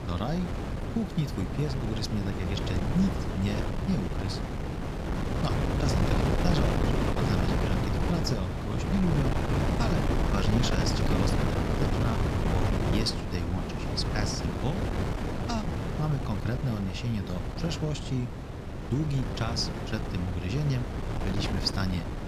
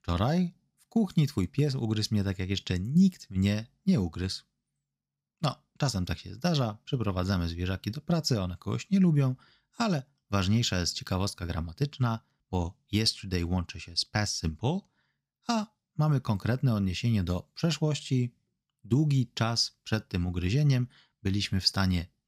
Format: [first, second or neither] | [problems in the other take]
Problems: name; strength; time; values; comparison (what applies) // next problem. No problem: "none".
second | wind noise on the microphone; heavy; 2 dB above the speech